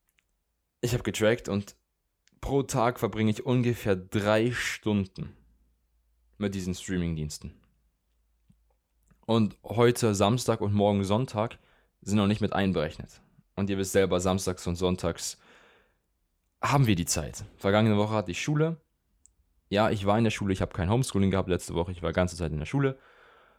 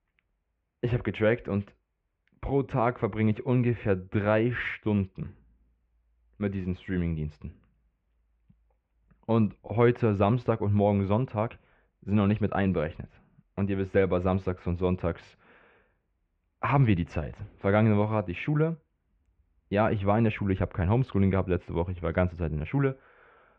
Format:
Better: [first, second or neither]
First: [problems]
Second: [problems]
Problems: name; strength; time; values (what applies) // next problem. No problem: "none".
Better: first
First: none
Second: muffled; very; fading above 2.5 kHz